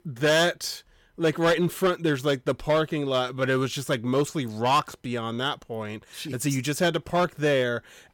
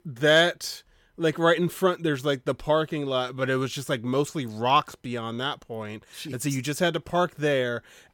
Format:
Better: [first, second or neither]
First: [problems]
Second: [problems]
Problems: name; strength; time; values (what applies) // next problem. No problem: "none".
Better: second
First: distortion; slight; 4% of the sound clipped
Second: none